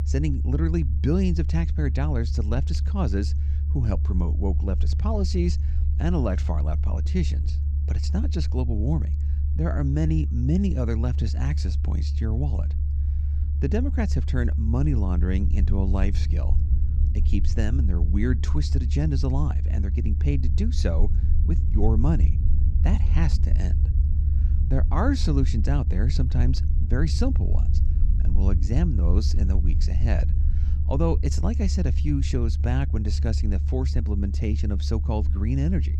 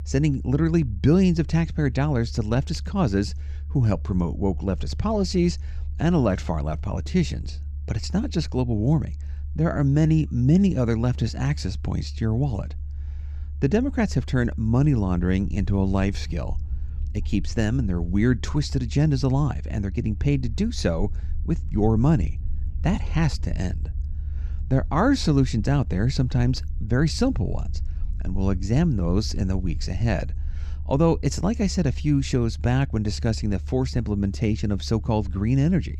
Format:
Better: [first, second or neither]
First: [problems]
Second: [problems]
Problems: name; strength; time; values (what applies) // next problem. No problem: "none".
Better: second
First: low rumble; loud; throughout; 9 dB below the speech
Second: low rumble; faint; throughout; 20 dB below the speech